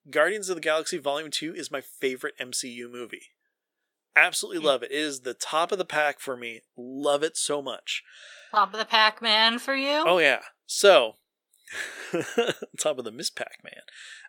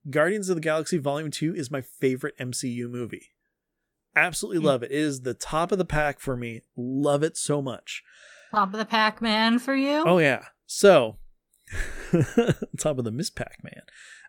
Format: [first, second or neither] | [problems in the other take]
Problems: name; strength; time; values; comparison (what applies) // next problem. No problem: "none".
second | thin; somewhat; fading below 450 Hz